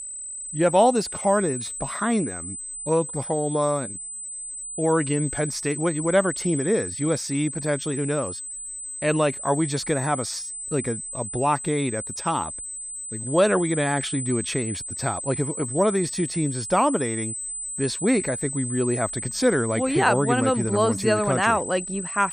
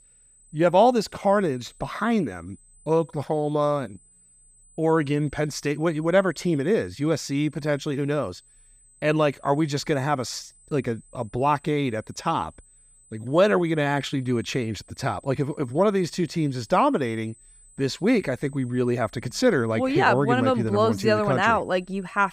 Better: second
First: high-pitched whine; loud; throughout; 8 kHz, 6 dB below the speech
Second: high-pitched whine; faint; throughout; 8 kHz, 30 dB below the speech

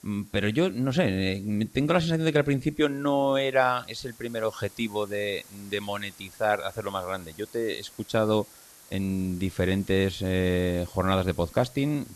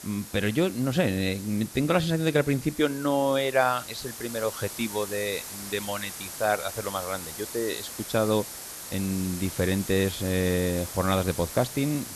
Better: first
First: hiss; faint; throughout; 20 dB below the speech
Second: hiss; loud; throughout; 10 dB below the speech

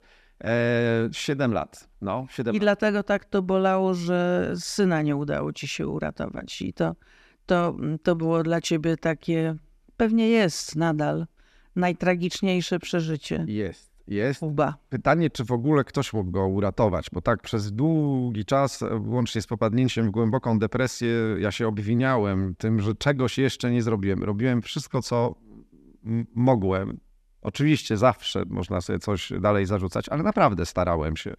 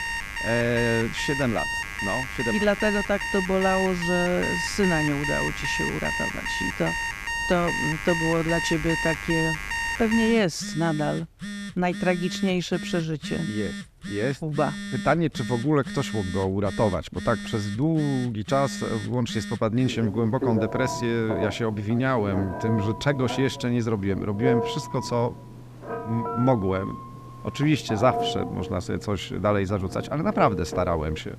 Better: first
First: none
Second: alarms or sirens; loud; throughout; 5 dB below the speech

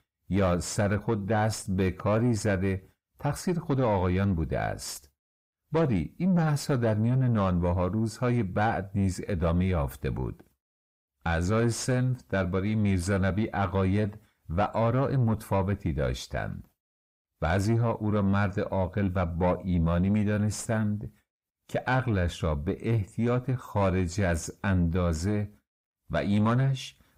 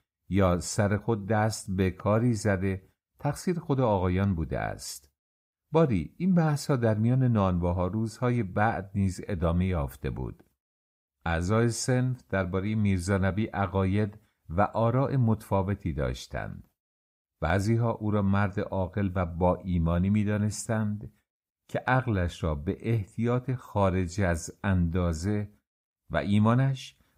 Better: second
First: distortion; slight; 10 dB below the speech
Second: none

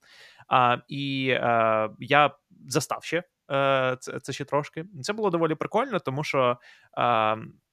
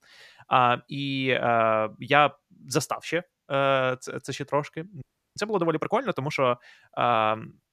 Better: first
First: none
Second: audio freezing; at 5 s

